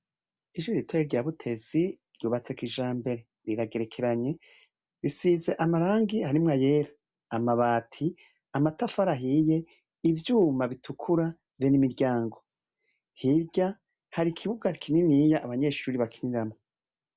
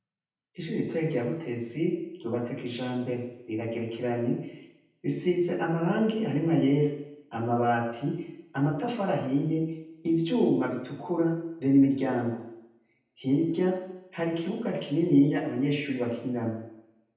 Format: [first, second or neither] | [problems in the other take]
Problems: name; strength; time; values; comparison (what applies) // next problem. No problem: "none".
first | room echo; dies away in 0.9 s